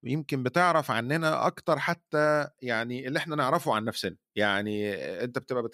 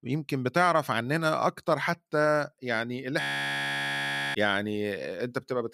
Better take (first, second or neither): first